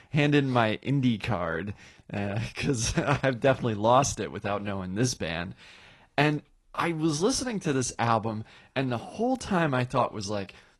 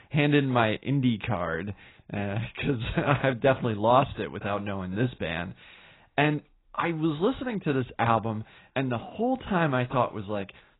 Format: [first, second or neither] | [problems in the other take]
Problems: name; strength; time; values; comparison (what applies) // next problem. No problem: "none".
first | garbled, watery; badly; nothing above 4 kHz; slightly in the first